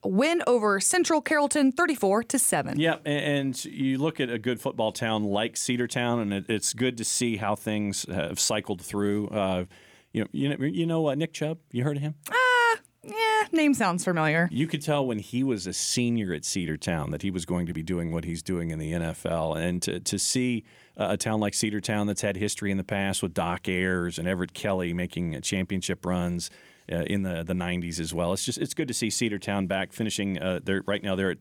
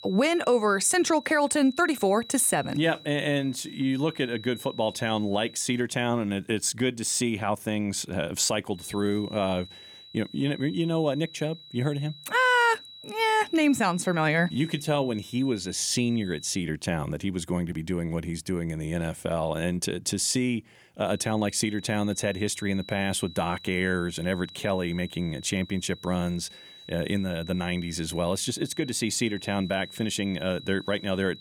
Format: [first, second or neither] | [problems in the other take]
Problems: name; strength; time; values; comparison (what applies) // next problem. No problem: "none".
first | high-pitched whine; noticeable; until 6 s, from 9 to 17 s and from 21 s on; 4 kHz, 15 dB below the speech